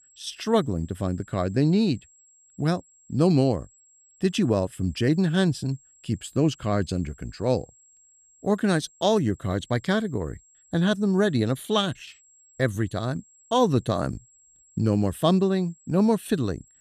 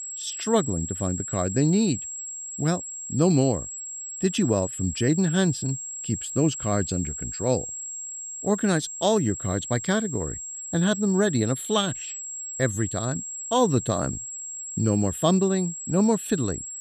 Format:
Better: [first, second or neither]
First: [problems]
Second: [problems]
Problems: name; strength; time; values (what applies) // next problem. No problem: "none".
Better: first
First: high-pitched whine; faint; throughout; 7.5 kHz, 30 dB below the speech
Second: high-pitched whine; loud; throughout; 7.5 kHz, 7 dB below the speech